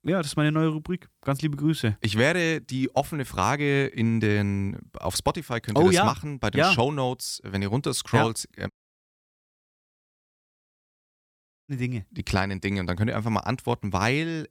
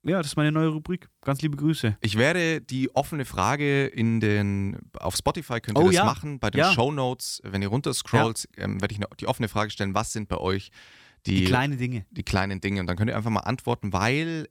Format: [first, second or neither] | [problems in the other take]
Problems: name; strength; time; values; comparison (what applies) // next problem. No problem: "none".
second | audio cutting out; at 8.5 s for 3 s